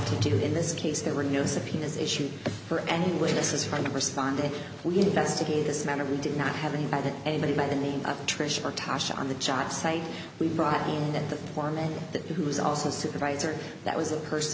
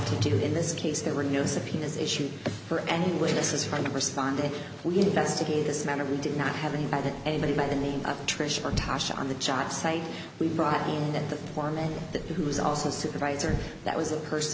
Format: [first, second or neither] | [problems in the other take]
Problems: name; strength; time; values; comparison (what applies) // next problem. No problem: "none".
first | background sound (Sliding door / Slam / Wood); 11 dB below the speech